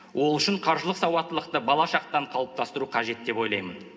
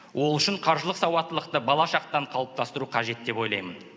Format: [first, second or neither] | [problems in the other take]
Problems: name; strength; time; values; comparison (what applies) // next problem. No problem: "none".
second | room echo; dies away in 0.3 s